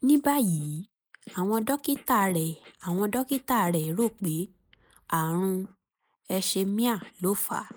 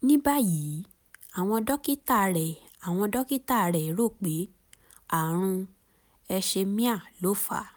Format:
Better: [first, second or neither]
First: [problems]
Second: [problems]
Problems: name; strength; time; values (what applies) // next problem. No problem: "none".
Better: second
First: noise reduction (neural mask model Resemble Enhance denoiser)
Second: none